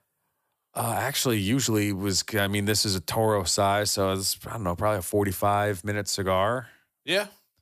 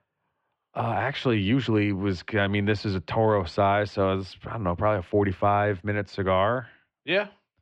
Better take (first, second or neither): first